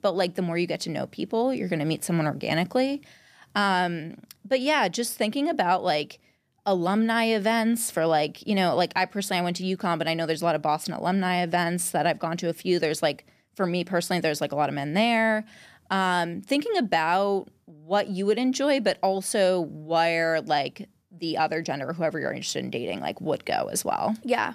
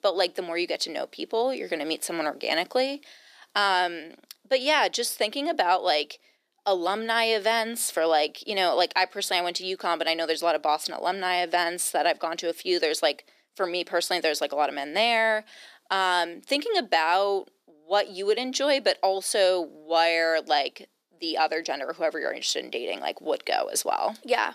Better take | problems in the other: first | thin; somewhat; fading below 350 Hz

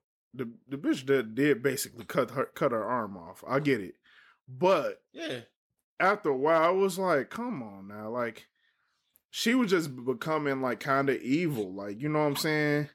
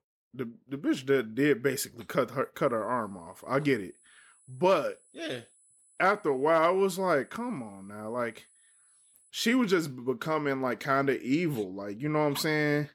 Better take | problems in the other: first | high-pitched whine; faint; from 2.5 to 9.5 s; 10 kHz, 30 dB below the speech

